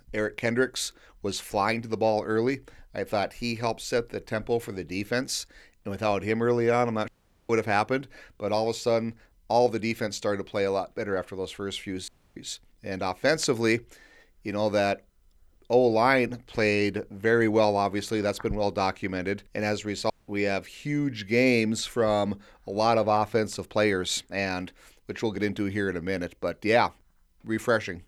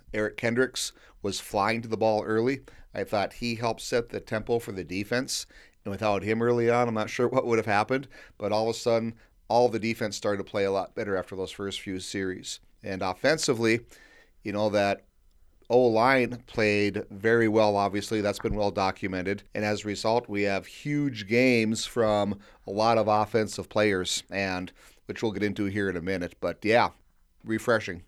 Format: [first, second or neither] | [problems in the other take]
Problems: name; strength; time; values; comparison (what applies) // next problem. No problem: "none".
second | audio cutting out; at 7 s, at 12 s and at 20 s